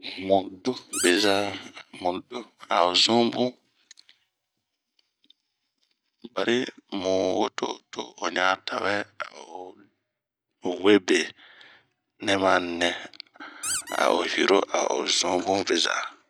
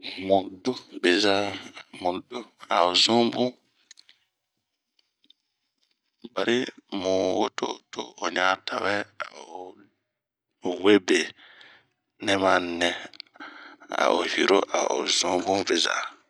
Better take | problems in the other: second | background sound (Squeak); 7 dB below the speech

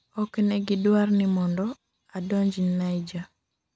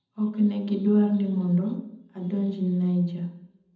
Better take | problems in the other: first | room echo; dies away in 0.8 s

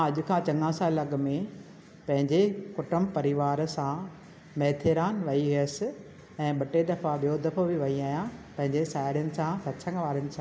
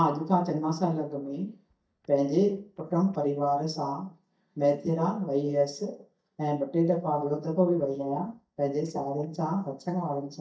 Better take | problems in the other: first | noise reduction (neural mask model DeepFilterNet 3)

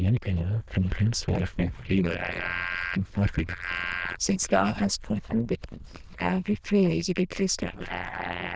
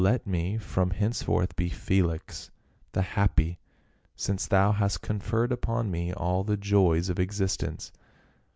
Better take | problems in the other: second | noise reduction (neural diffusion model UNIVERSE++)

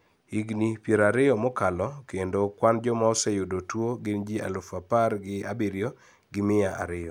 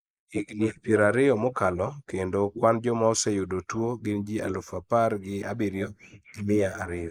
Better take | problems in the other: first | noise reduction (neural mask model Resemble Enhance denoiser)

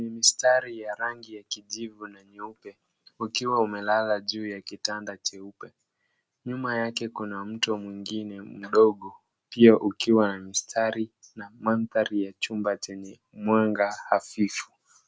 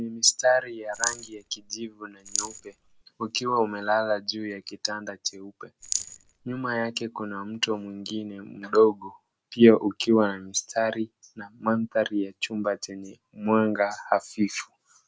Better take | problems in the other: first | background sound (Rattle); 7 dB below the speech

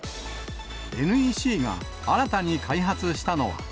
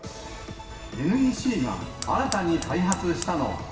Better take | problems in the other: first | background sound (Fire); 15 dB below the speech // room echo; dies away in 1.3 s

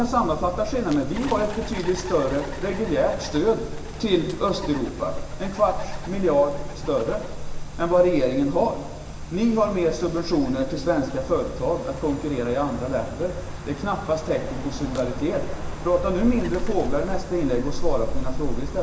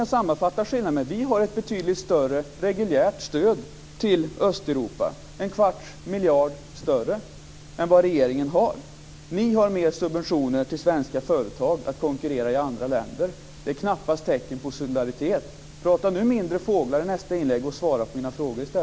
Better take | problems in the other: second | background sound (Bird); 6 dB below the speech // room echo; dies away in 1.2 s

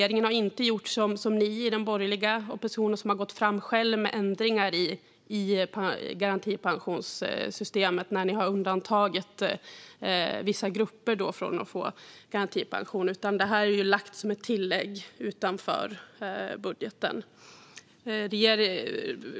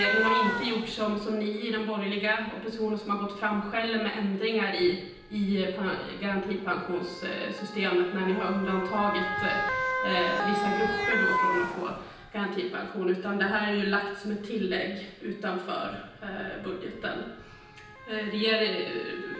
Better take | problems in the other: first | background sound (Motor vehicle (road) / Siren); 5 dB below the speech // room echo; dies away in 0.9 s

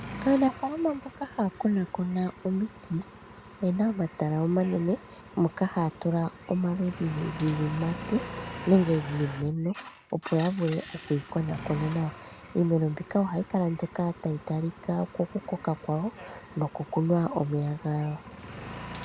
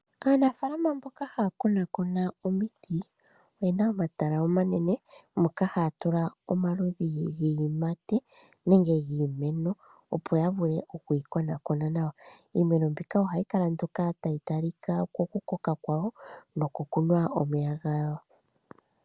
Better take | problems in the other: second | background sound (Engine); 14 dB below the speech

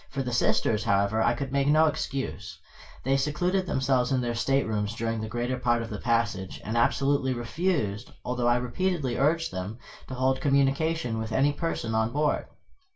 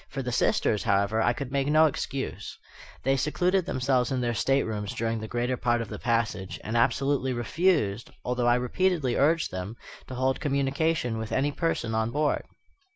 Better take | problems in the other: second | room echo; dies away in 0.2 s

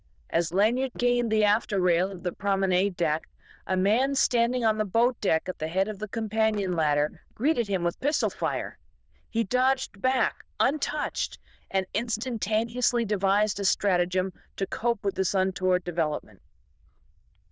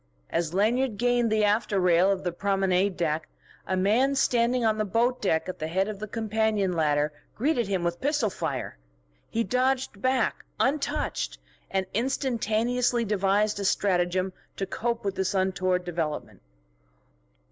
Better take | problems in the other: second | noise reduction (neural diffusion model UNIVERSE++)

